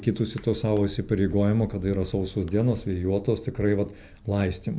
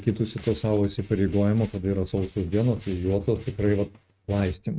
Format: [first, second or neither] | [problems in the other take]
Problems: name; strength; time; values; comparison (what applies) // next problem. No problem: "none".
first | noise reduction (neural mask model RNNoise)